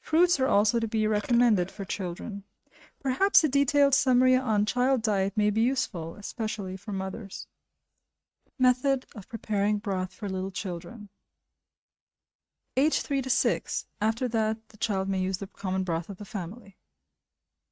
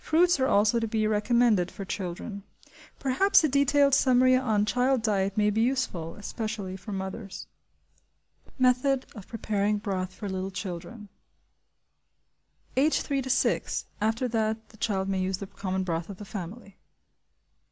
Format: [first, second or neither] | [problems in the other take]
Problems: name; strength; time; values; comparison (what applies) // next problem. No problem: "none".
second | noise reduction (neural mask model RNNoise)